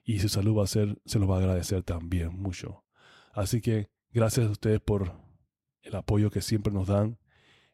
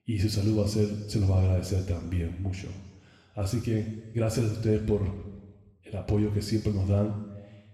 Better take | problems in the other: first | room echo; noticeable; dies away in 1.2 s // off-mic speech; somewhat distant

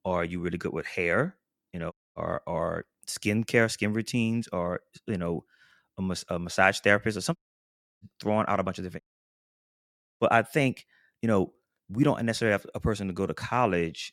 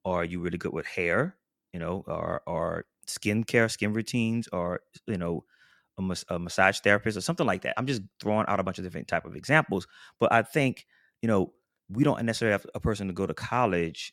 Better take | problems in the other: second | audio cutting out; at 2 s, at 7.5 s for 0.5 s and at 9 s for 1 s

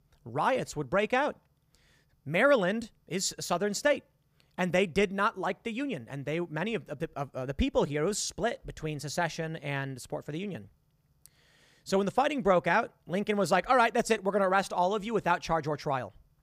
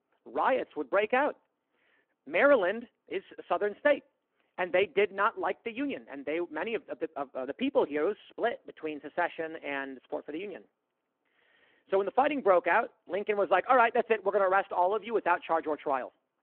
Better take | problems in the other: first | phone-call audio

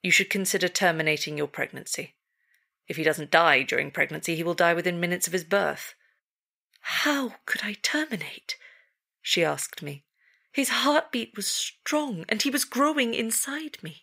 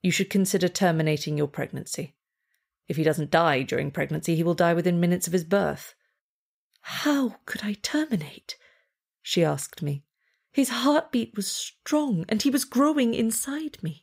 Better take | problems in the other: second | thin; somewhat; fading below 550 Hz

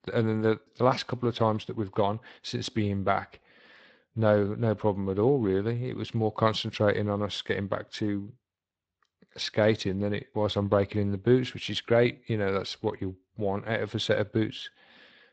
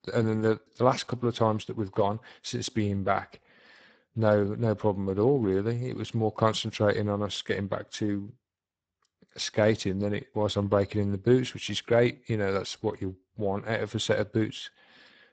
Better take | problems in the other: first | garbled, watery; badly; nothing above 8 kHz; slightly in the first

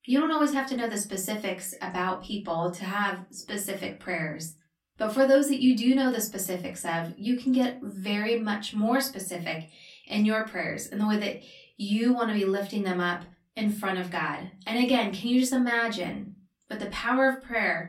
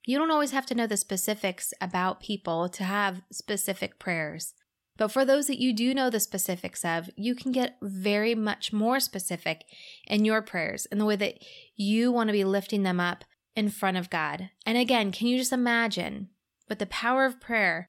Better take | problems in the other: second | off-mic speech; far // room echo; very slight; dies away in 0.3 s

